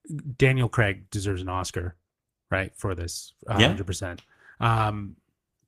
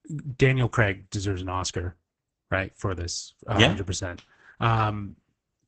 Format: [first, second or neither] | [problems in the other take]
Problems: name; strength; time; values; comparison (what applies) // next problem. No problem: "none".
first | garbled, watery; badly; nothing above 8 kHz; slightly in the first